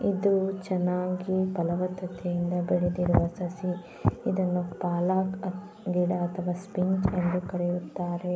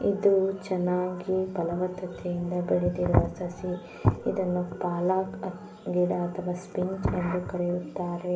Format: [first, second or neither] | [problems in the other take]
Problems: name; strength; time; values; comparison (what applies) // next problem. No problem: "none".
first | room echo; dies away in 0.7 s